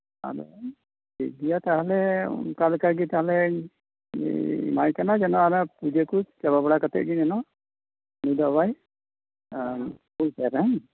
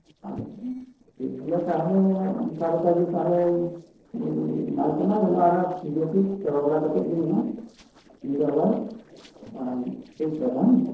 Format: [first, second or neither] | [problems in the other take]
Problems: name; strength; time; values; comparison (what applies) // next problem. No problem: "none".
first | noise reduction (neural separator model SepFormer DNS4)